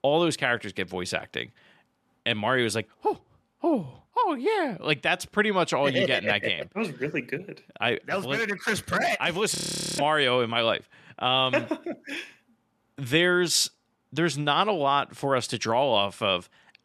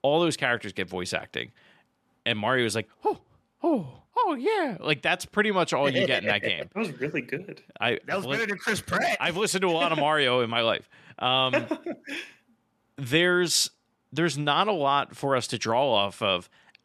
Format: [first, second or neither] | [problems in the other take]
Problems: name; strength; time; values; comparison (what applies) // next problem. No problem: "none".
second | audio freezing; at 9.5 s